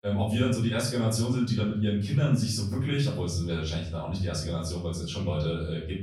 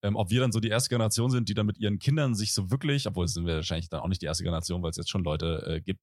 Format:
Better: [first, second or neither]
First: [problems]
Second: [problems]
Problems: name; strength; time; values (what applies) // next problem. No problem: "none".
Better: second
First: off-mic speech; far // room echo; noticeable; dies away in 0.5 s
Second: none